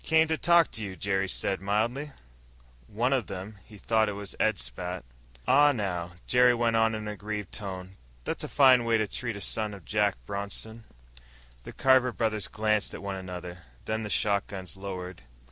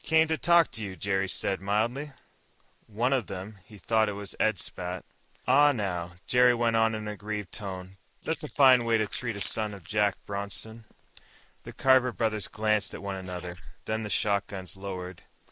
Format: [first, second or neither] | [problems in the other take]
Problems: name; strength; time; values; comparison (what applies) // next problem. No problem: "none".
first | noise reduction (neural mask model Resemble Enhance denoiser)